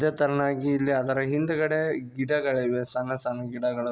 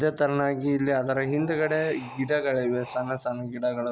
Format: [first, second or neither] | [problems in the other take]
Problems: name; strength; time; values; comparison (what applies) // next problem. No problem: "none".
first | background sound (Wind); 19 dB below the speech